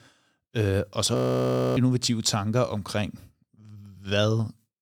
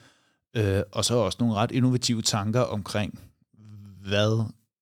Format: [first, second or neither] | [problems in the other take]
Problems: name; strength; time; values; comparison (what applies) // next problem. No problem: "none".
second | audio freezing; at 1 s for 0.5 s